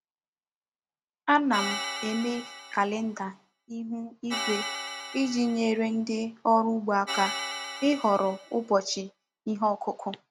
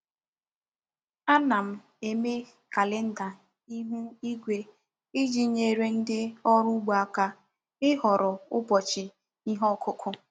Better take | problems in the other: second | background sound (Organ); 8 dB below the speech

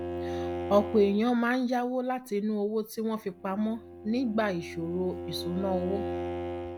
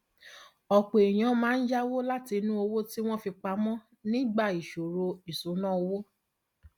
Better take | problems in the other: second | background sound (Bowed string instrument); 8 dB below the speech

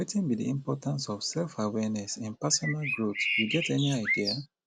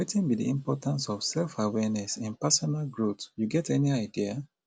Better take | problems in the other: second | background sound (Bird); 2 dB below the speech

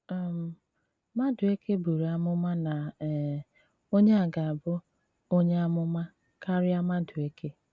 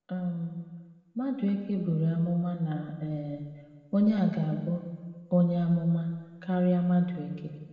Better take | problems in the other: first | room echo; dies away in 1.4 s

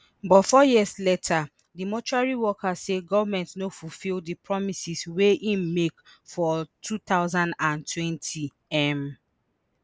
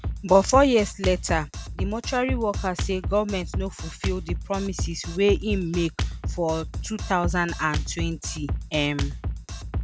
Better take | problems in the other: first | background sound (Drum kit); 5 dB below the speech

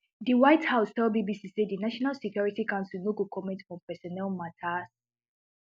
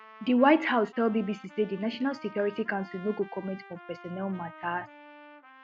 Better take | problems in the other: first | background sound (Trumpet); 20 dB below the speech

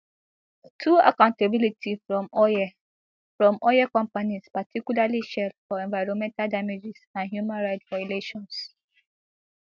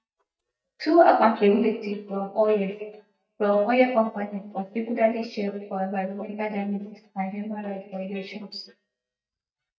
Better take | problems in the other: first | noise reduction (neural mask model DeepFilterNet 3)

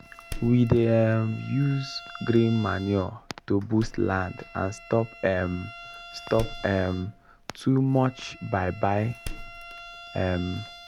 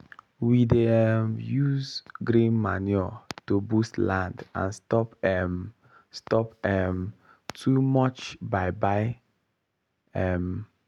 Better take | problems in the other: second | background sound (Bowed string instrument + Door); 15 dB below the speech

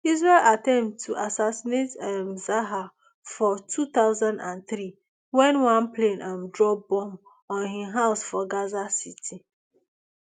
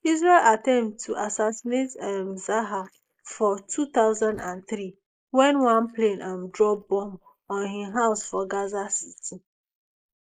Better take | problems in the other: first | noise reduction (neural mask model Resemble Enhance denoiser)

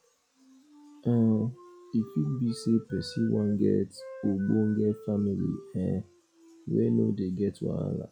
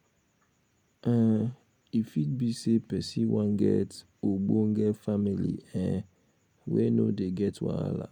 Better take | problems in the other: second | noise reduction (classical method log-MMSE)

